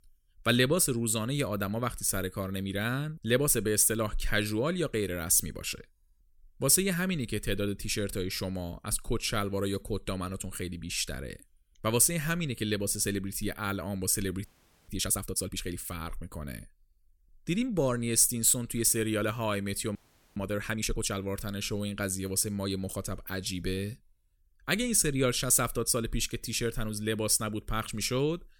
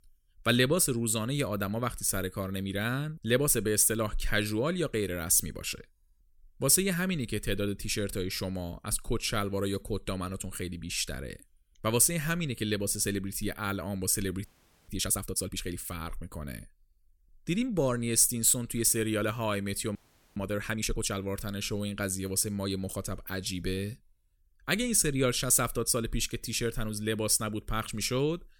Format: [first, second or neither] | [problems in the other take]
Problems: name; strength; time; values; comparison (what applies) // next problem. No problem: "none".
neither | audio freezing; at 14 s and at 20 s; the same in both